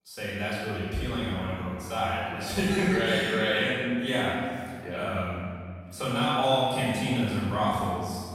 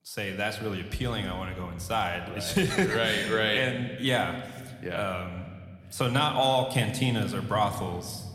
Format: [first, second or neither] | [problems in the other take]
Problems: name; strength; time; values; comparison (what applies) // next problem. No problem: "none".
second | room echo; strong; dies away in 1.9 s; slight in the second // off-mic speech; far